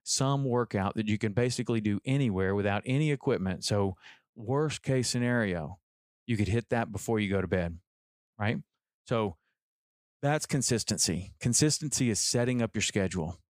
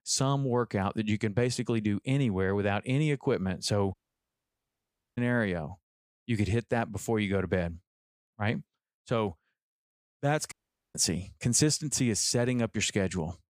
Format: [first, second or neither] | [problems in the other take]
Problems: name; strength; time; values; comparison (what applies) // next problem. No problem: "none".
first | audio cutting out; at 4 s for 1 s and at 11 s